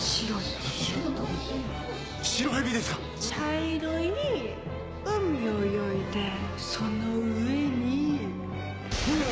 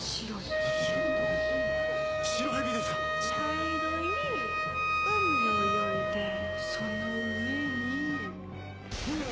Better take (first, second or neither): first